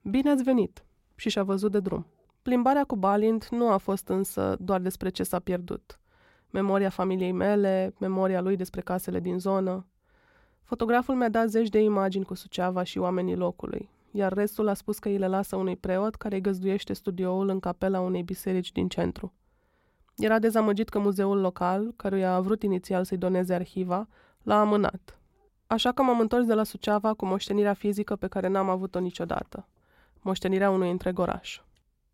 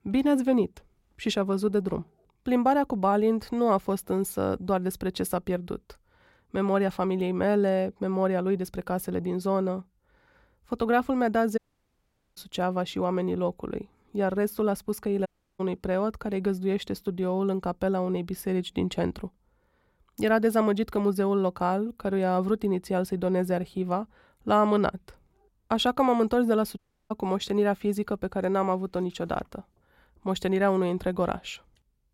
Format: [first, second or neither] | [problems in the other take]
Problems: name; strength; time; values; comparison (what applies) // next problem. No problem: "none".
first | audio cutting out; at 12 s for 1 s, at 15 s and at 27 s